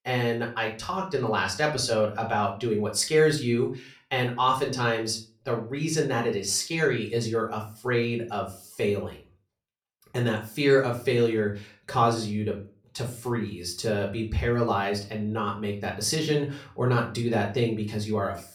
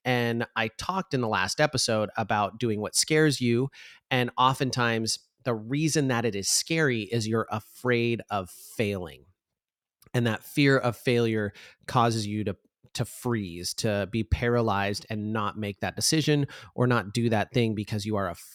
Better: second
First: off-mic speech; somewhat distant // room echo; very slight; dies away in 0.3 s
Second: none

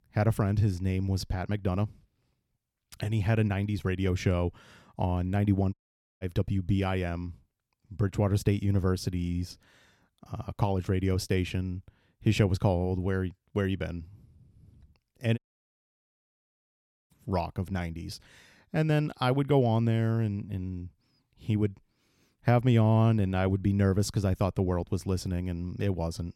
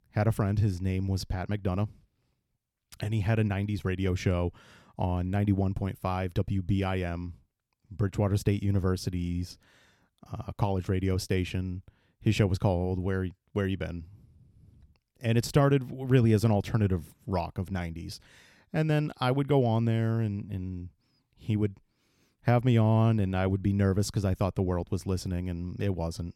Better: second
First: audio cutting out; at 5.5 s and at 15 s for 1.5 s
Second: none

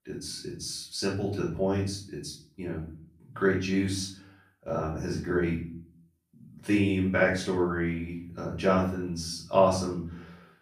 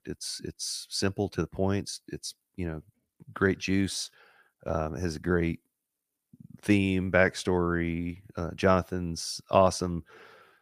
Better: second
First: off-mic speech; far // room echo; slight; dies away in 0.5 s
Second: none

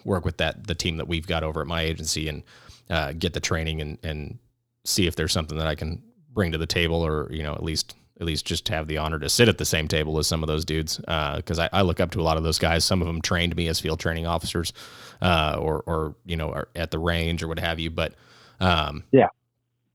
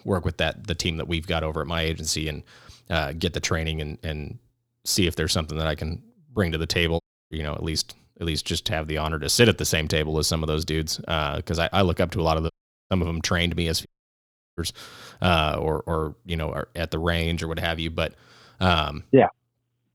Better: first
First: none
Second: audio cutting out; at 7 s, at 13 s and at 14 s for 0.5 s

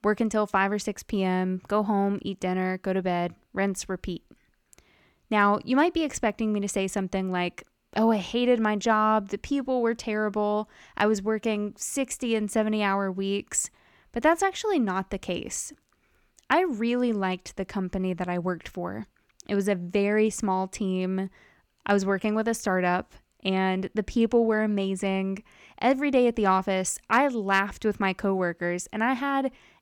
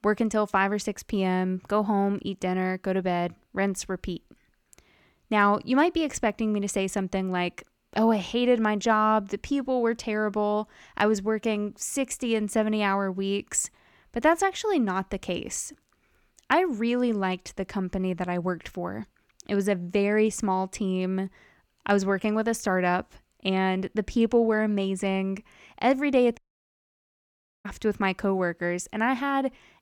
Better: first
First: none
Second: audio cutting out; at 26 s for 1.5 s

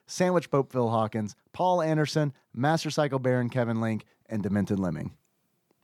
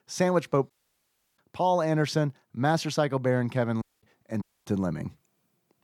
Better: first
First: none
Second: audio cutting out; at 0.5 s for 0.5 s, at 4 s and at 4.5 s

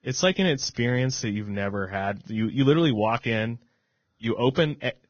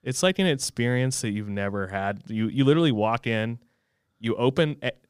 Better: second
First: garbled, watery; badly; nothing above 6.5 kHz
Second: none

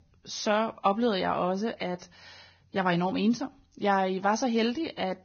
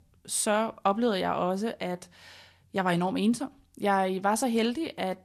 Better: second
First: garbled, watery; badly; nothing above 6.5 kHz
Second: garbled, watery; slightly; nothing above 12.5 kHz

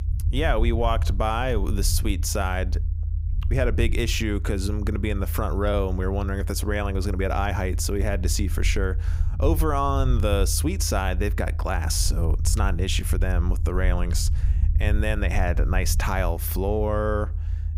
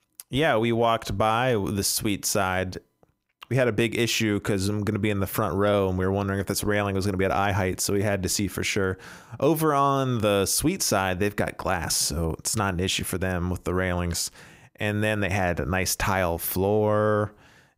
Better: second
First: low rumble; noticeable; throughout; 15 dB below the speech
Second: none

